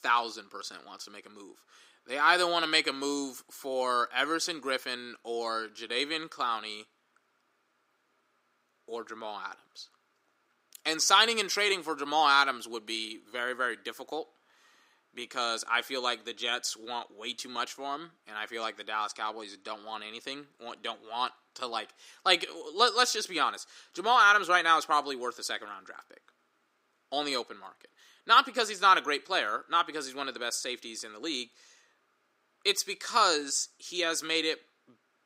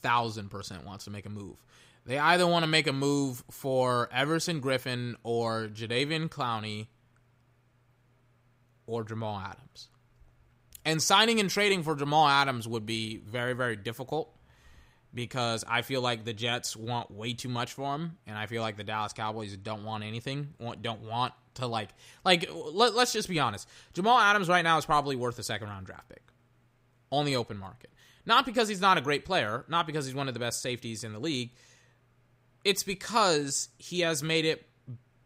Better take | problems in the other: second | thin; somewhat; fading below 300 Hz

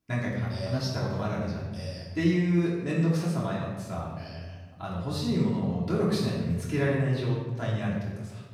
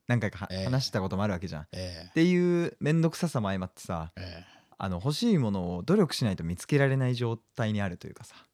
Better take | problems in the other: second | off-mic speech; far // room echo; noticeable; dies away in 1.2 s

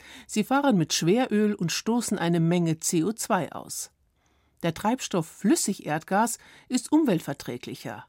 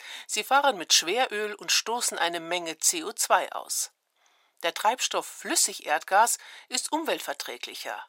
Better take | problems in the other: first | thin; very; fading below 600 Hz

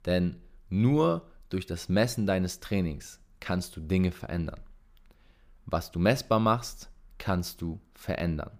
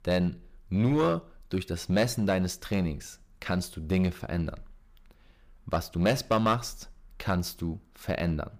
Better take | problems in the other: first | distortion; slight; 4% of the sound clipped

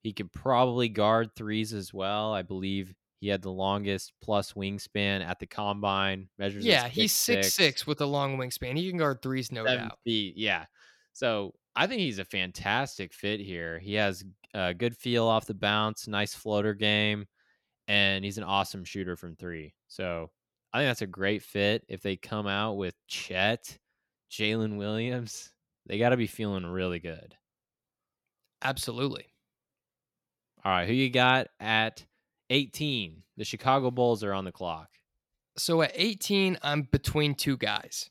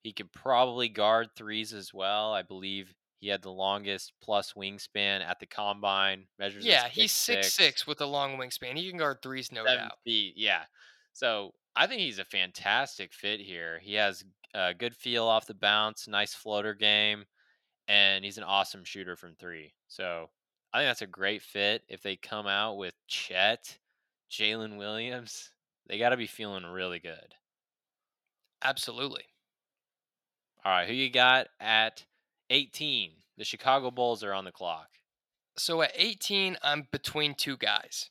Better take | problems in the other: first | thin; somewhat; fading below 800 Hz

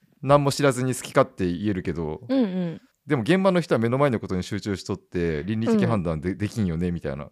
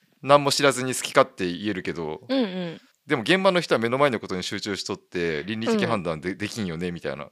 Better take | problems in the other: first | thin; very slightly; fading below 400 Hz

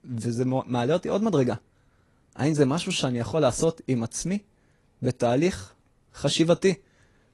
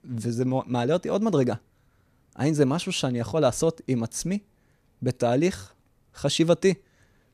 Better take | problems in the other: second | garbled, watery; slightly

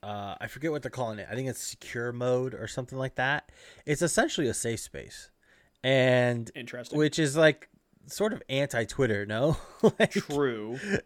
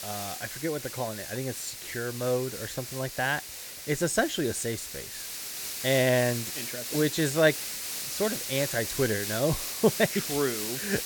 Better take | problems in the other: first | hiss; loud; throughout; 5 dB below the speech

